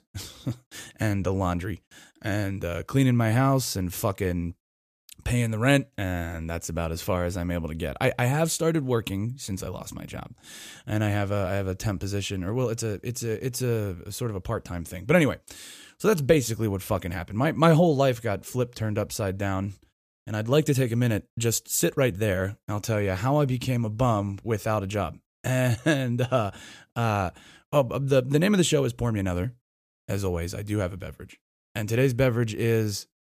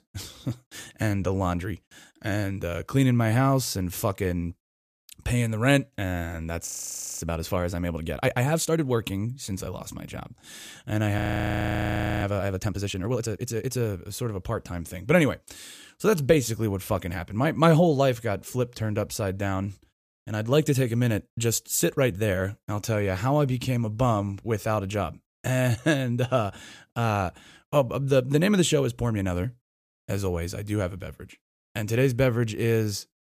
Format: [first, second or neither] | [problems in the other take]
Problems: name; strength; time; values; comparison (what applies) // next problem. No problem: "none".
first | audio freezing; at 6.5 s for 0.5 s and at 11 s for 1 s